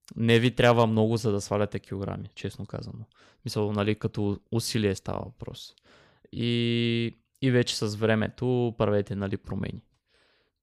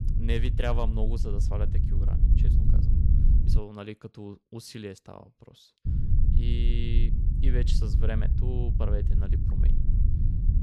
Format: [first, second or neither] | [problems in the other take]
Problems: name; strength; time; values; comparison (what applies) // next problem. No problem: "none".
first | low rumble; loud; until 3.5 s and from 6 s on; 4 dB below the speech